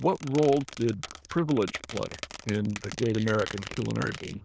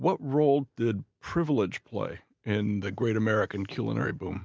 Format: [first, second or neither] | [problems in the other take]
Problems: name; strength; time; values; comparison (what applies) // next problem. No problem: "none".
second | noise reduction (neural diffusion model UNIVERSE++)